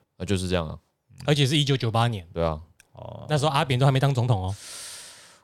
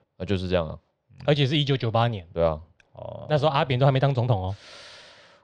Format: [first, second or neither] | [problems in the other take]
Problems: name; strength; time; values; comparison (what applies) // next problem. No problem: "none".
first | muffled; slightly; fading above 4 kHz